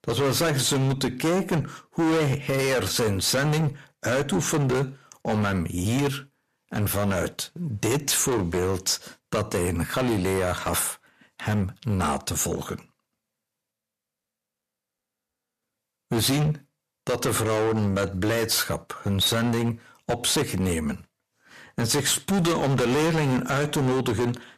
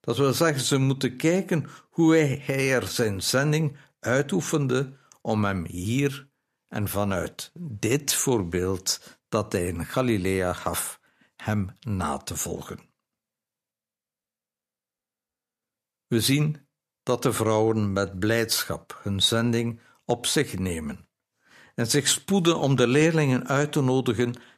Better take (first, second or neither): second